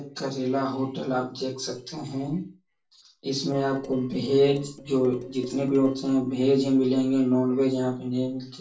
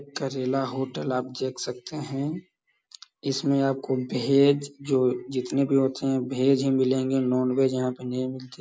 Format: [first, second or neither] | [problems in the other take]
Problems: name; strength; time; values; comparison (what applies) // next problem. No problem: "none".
second | noise reduction (neural separator model SepFormer DNS4)